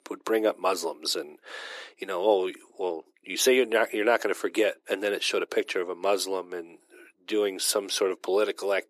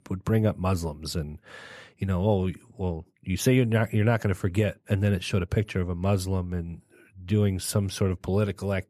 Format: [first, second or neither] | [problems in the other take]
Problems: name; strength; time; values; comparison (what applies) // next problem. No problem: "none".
second | thin; very; fading below 300 Hz